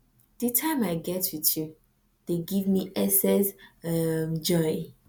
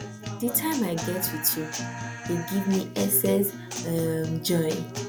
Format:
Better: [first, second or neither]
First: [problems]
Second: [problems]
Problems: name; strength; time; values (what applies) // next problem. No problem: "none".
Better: first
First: none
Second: background sound (Guitar); 8 dB below the speech